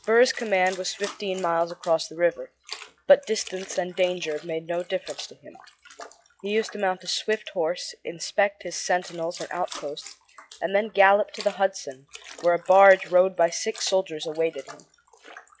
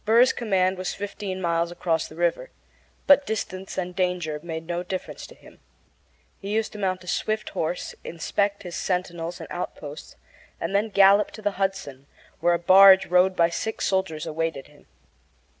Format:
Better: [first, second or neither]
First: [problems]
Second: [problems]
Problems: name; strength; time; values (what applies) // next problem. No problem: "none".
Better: second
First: noise reduction (classical method log-MMSE)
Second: none